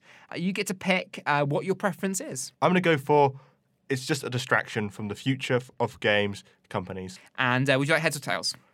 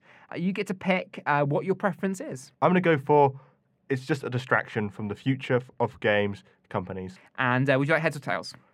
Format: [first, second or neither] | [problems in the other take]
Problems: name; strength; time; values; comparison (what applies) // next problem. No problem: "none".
first | muffled; slightly; fading above 3 kHz